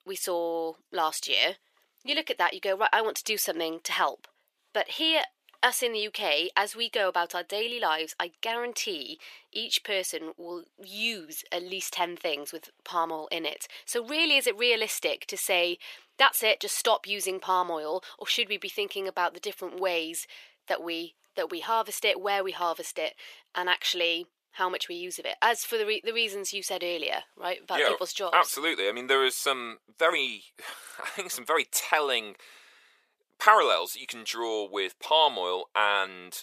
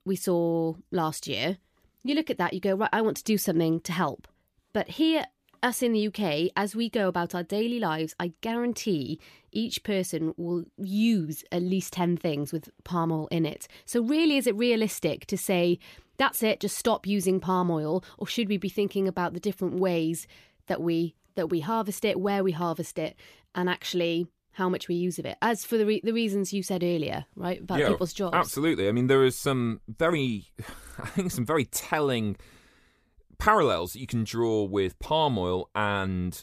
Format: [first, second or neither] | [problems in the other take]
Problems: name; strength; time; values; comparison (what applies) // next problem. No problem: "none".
second | thin; very; fading below 550 Hz